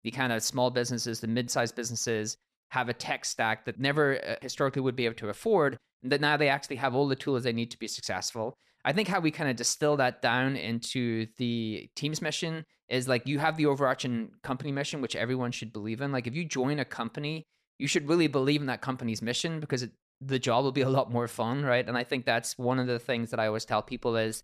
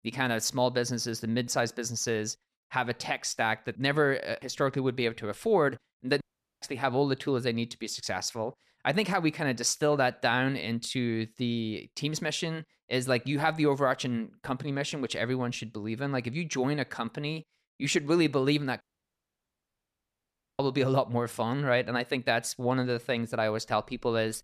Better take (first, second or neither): first